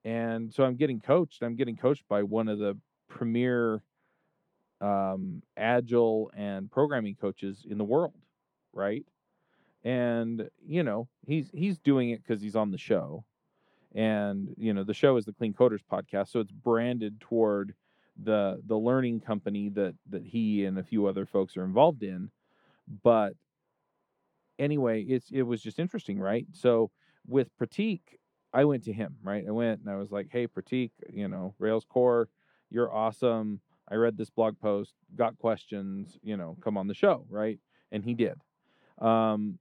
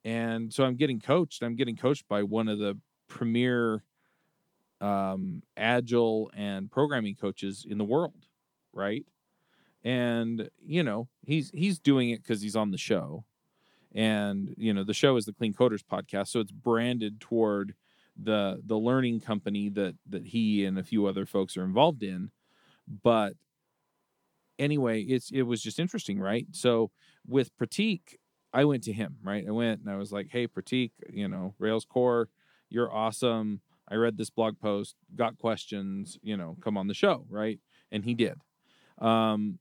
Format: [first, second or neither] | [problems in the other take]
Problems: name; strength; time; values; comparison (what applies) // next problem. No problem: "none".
second | muffled; very; fading above 3.5 kHz